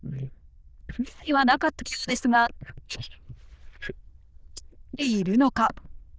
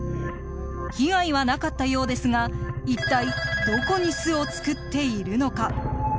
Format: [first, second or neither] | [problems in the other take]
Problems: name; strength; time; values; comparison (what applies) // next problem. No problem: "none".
second | noise reduction (neural diffusion model UNIVERSE++)